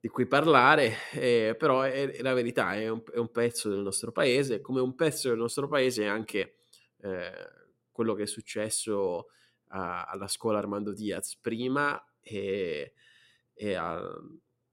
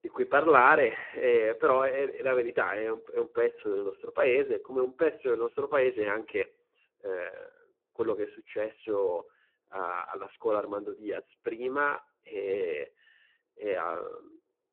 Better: first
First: none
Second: phone-call audio; poor line

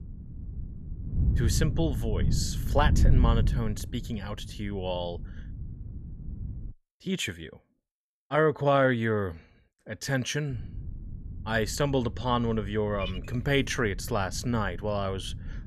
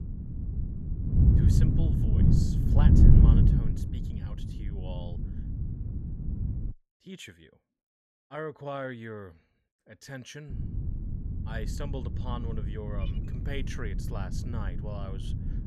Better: first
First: wind noise on the microphone; occasional gusts; until 6.5 s and from 10 s on; 15 dB below the speech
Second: wind noise on the microphone; heavy; until 6.5 s and from 10 s on; 2 dB above the speech

